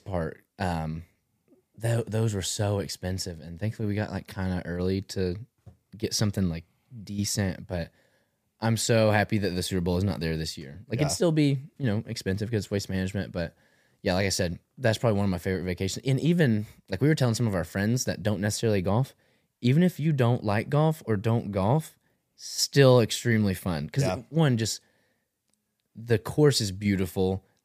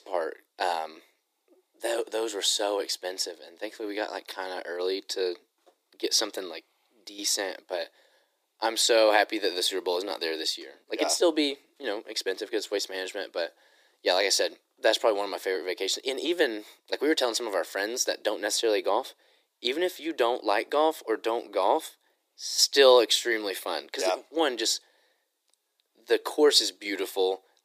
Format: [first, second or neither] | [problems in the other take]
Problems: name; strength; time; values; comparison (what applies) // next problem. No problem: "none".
first | thin; very; fading below 300 Hz